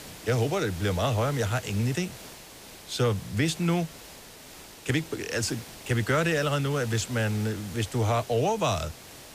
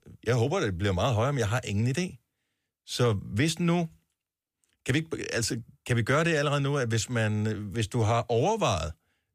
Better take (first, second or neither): second